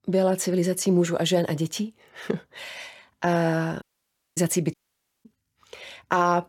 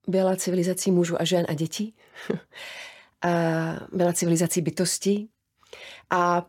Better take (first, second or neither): second